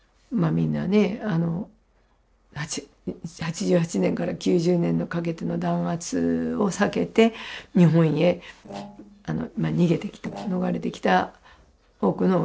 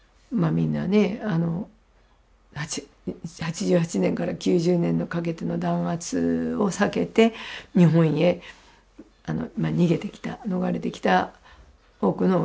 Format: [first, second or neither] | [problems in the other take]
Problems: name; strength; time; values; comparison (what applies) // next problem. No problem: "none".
second | noise reduction (neural separator model SepFormer DNS4)